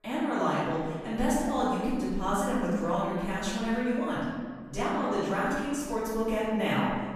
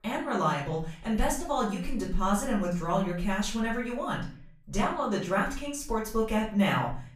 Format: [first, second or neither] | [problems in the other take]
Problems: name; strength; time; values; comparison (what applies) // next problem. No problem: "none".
second | room echo; strong; dies away in 1.5 s; slight in the second // off-mic speech; far; far in the second